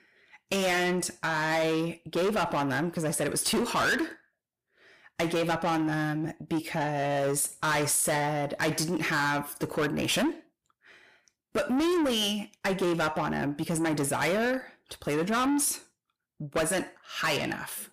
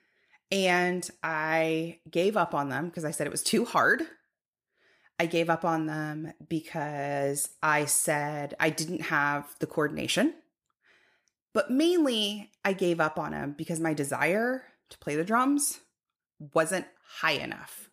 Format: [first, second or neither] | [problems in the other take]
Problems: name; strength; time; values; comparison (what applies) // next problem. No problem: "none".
second | distortion; heavy; 6 dB below the speech